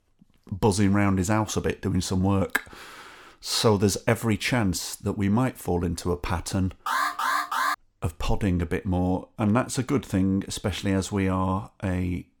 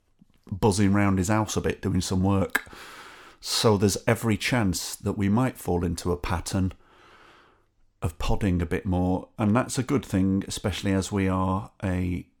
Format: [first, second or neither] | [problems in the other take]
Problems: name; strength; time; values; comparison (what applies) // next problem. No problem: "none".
second | alarm; loud; at 7 s; peak 1 dB above the speech